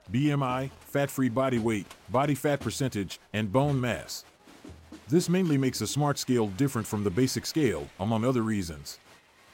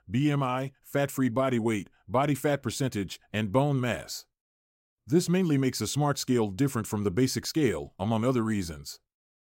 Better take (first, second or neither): second